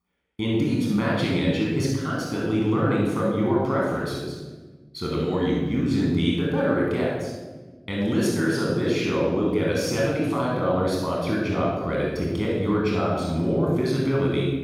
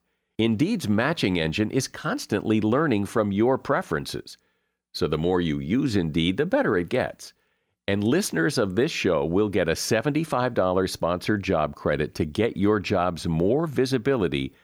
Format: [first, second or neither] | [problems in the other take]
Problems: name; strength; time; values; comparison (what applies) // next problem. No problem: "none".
second | off-mic speech; far // room echo; strong; dies away in 1.2 s